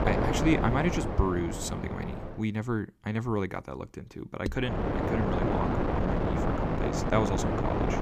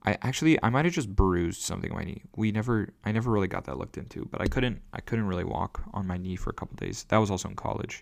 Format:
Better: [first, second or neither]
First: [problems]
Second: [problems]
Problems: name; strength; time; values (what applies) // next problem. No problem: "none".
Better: second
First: wind noise on the microphone; heavy; until 2.5 s and from 4.5 s on; 1 dB above the speech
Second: none